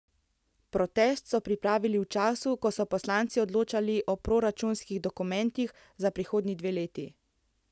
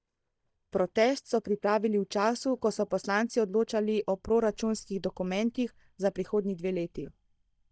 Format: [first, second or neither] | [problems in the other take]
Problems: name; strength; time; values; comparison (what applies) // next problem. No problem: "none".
first | noise reduction (neural mask model DeepFilterNet 3)